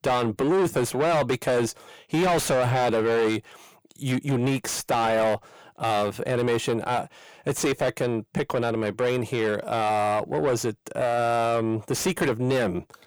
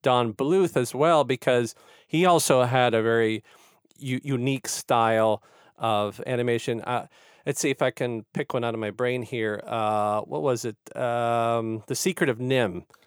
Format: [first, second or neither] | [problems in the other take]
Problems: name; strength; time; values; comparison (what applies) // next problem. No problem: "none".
second | distortion; heavy; 6 dB below the speech